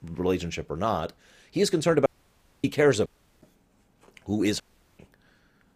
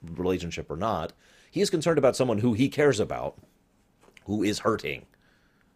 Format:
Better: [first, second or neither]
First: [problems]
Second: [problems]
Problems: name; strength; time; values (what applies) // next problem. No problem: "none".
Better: second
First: audio cutting out; at 2 s for 0.5 s, at 3 s and at 4.5 s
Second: none